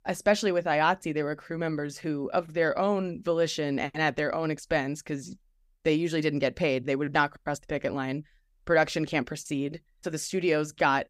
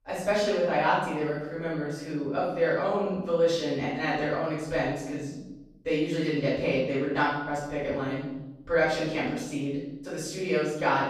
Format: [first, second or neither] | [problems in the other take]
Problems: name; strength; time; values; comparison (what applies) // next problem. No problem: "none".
first | room echo; noticeable; dies away in 0.8 s // off-mic speech; far